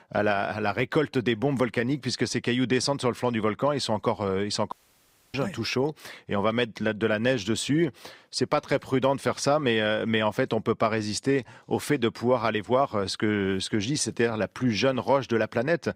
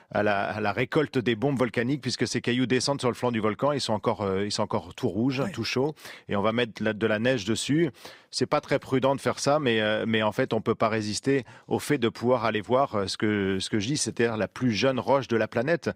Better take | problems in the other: second | audio cutting out; at 4.5 s for 0.5 s

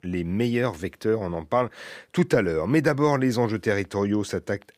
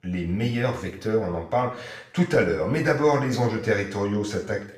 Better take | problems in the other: first | room echo; slight; dies away in 0.6 s // off-mic speech; far

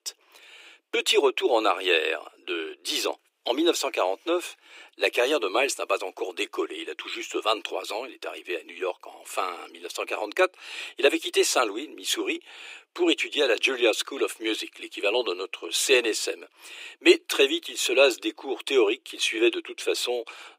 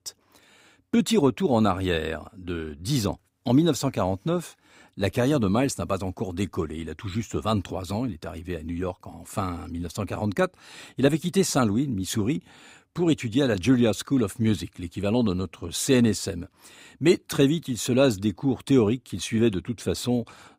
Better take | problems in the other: second | thin; very; fading below 350 Hz

